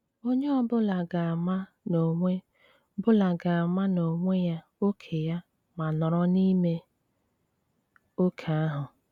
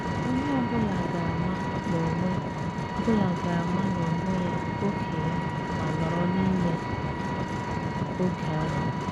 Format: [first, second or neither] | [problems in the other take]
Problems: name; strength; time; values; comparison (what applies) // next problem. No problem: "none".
first | background sound (Vehicle); 1 dB above the speech